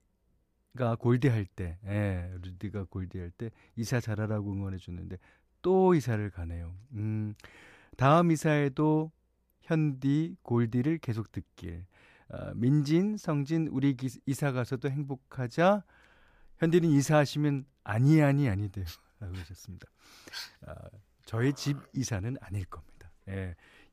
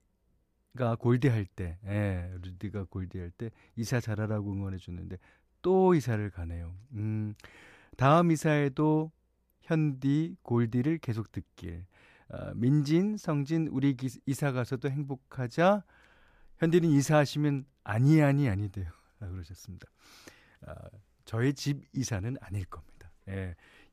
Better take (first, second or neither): second